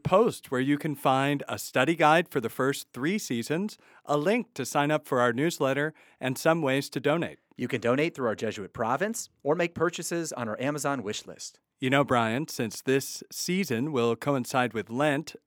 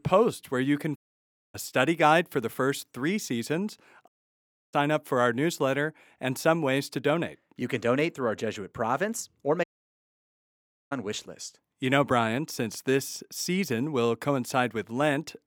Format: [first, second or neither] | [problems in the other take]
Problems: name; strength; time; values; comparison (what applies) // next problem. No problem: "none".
first | audio cutting out; at 1 s for 0.5 s, at 4 s for 0.5 s and at 9.5 s for 1.5 s